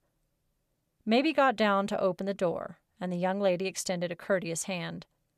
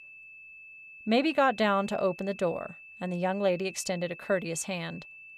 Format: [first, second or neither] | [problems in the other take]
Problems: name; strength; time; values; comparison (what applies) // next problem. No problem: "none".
first | high-pitched whine; noticeable; throughout; 2.5 kHz, 15 dB below the speech